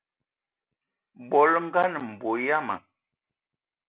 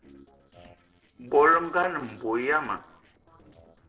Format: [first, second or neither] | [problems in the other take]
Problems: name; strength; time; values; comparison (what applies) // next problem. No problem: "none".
first | noise reduction (neural separator model SepFormer DNS4)